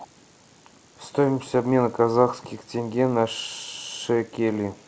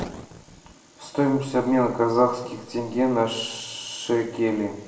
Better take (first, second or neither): first